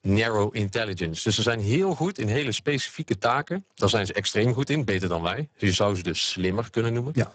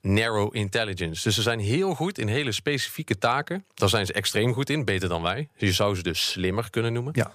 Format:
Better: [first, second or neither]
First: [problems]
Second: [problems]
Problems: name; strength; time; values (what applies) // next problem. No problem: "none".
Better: second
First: garbled, watery; badly; nothing above 8 kHz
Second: none